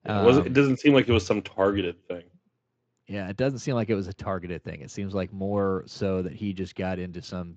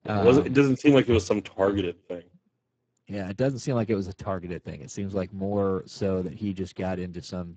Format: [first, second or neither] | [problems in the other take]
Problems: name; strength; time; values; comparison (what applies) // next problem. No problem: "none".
first | garbled, watery; badly; nothing above 7.5 kHz; slightly in the first